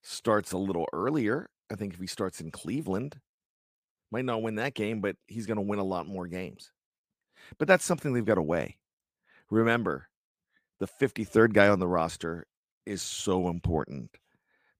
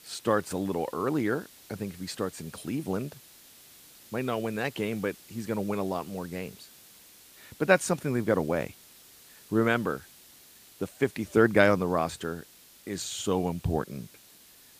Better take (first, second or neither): first